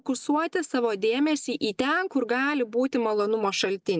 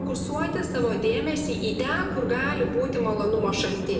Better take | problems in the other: first | background sound (Train); 4 dB below the speech // room echo; dies away in 1 s

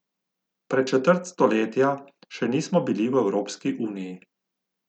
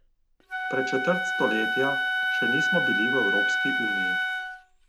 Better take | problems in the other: first | background sound (Wind instrument, woodwind instrument); 4 dB above the speech

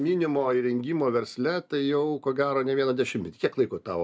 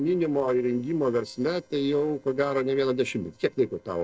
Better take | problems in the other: first | noise reduction (neural separator model SepFormer DNS4)

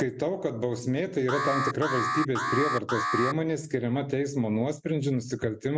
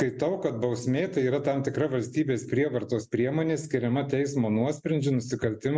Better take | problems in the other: second | background sound (Alarm); 3 dB below the speech

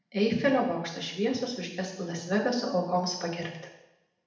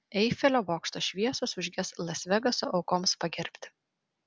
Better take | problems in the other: second | room echo; dies away in 0.8 s

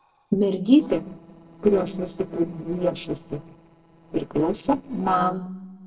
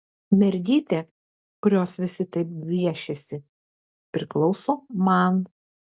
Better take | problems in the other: second | noise reduction (neural separator model SepFormer DNS4)

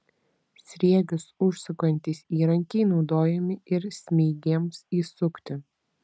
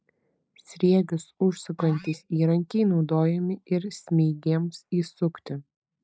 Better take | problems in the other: first | noise reduction (neural mask model Resemble Enhance denoiser)

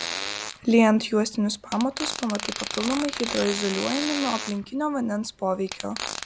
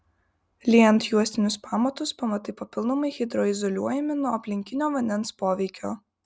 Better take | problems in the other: second | background sound (Fart); 8 dB below the speech

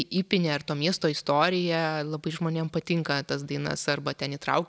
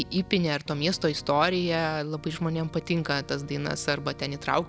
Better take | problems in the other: first | background sound (Organ); 18 dB below the speech

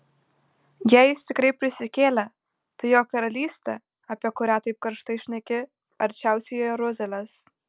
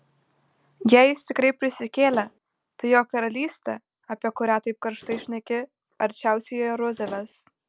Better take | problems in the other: first | background sound (Slam / Wood); 17 dB below the speech

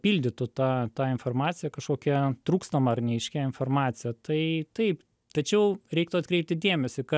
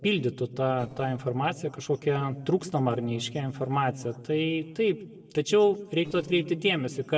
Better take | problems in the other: first | noise reduction (neural separator model SepFormer DNS4)

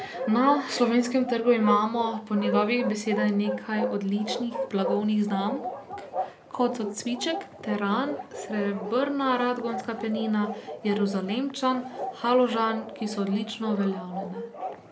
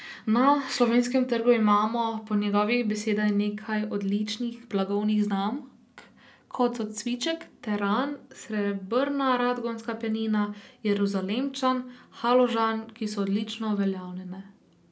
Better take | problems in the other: second | background sound (Bark); 8 dB below the speech

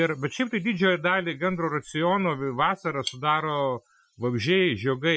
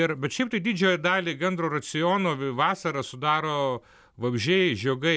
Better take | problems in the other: second | noise reduction (classical method Wiener filter)

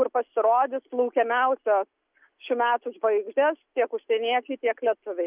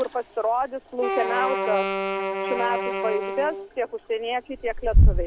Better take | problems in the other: first | background sound (Wind instrument, woodwind instrument + Toilet flush); 3 dB above the speech

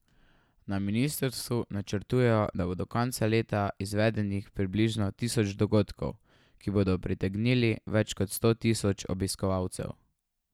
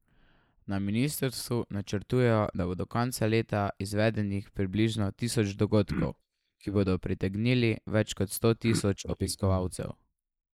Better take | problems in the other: first | noise reduction (neural mask model Resemble Enhance denoiser)

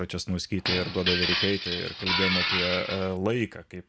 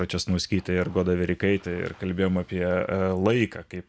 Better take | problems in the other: second | background sound (Glass); 1 dB above the speech

